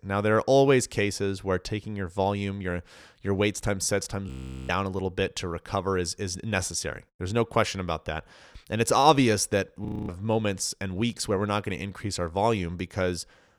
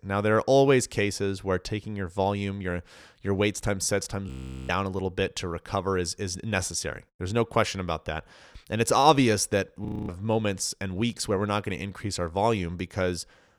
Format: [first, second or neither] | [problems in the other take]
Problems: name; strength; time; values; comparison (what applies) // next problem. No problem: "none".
neither | audio freezing; at 4.5 s and at 10 s; the same in both